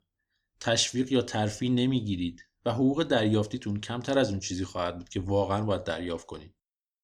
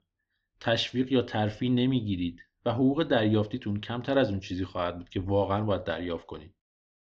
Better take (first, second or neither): first